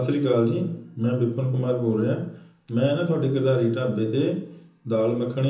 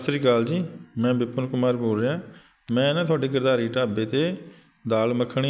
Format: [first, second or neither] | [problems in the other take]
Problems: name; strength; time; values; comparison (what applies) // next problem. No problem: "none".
second | room echo; dies away in 0.7 s